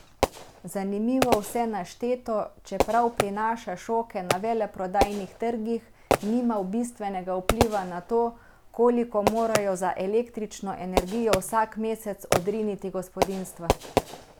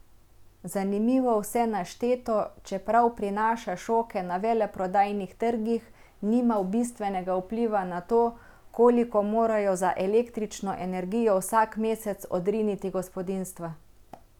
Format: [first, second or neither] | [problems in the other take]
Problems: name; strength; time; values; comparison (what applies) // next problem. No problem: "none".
second | background sound (Fireworks); 4 dB below the speech